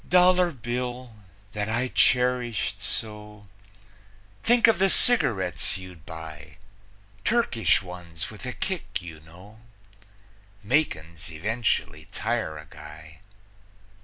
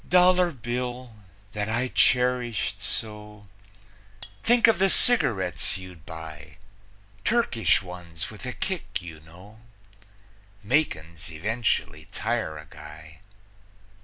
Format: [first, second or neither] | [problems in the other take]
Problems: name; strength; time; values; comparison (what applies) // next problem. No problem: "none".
first | background sound (Cutlery, silverware); 20 dB below the speech